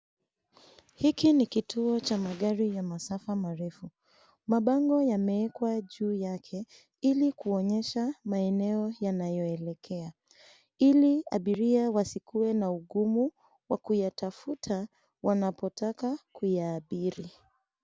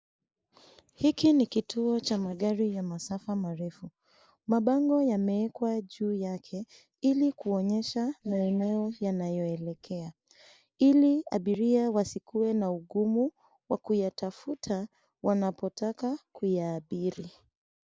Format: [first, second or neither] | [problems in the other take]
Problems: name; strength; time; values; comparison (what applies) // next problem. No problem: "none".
first | noise reduction (neural mask model Resemble Enhance denoiser)